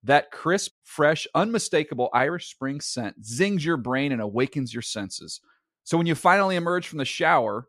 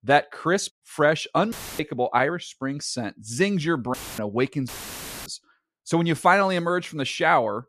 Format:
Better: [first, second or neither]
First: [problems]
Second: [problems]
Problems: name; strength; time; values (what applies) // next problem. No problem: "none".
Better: first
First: none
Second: audio cutting out; filled with static; at 1.5 s, at 4 s and at 4.5 s for 0.5 s